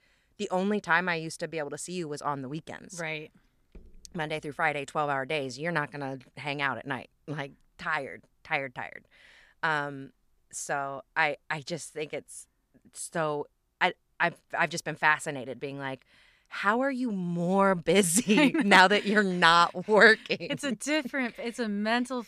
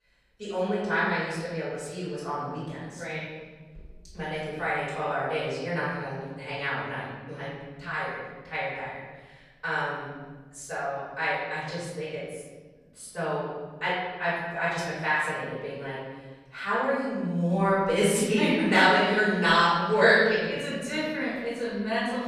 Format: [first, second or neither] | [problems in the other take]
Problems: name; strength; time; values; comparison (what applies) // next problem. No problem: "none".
first | off-mic speech; far // room echo; strong; dies away in 1.4 s